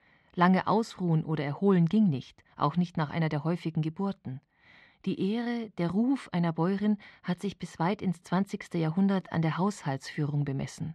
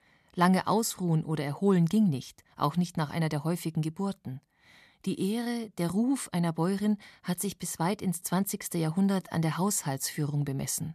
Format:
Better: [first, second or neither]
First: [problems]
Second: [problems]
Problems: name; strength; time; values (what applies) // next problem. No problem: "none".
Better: second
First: muffled; slightly; fading above 3 kHz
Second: none